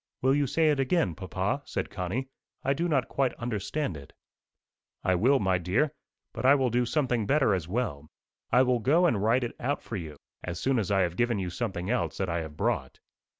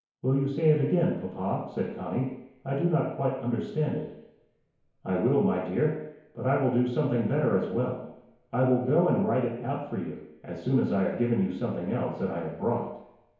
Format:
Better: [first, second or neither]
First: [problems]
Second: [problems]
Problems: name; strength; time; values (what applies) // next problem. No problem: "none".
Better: first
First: none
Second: room echo; dies away in 1 s